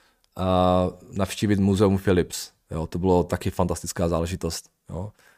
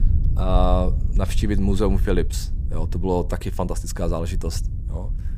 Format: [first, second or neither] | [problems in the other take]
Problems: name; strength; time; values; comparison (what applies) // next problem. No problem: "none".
first | low rumble; noticeable; throughout; 15 dB below the speech